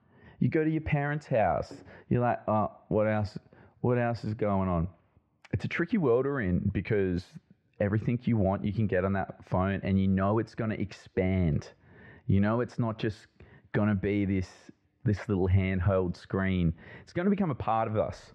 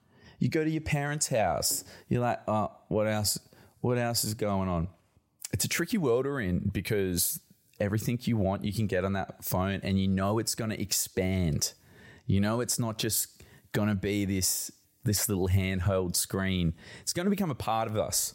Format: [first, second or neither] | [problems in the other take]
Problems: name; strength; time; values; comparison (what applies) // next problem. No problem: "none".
second | muffled; very; fading above 2.5 kHz